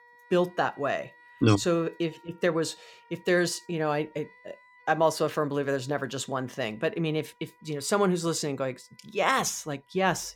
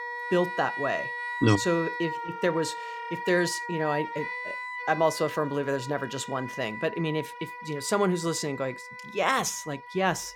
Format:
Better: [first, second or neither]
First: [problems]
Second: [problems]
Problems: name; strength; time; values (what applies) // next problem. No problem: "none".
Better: first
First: background music; faint; throughout; 30 dB below the speech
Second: background music; loud; throughout; 7 dB below the speech